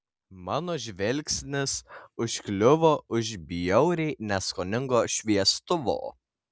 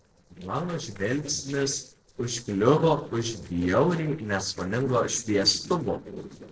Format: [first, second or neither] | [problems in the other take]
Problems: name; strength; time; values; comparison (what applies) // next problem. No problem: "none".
first | noise reduction (neural separator model SepFormer DNS4)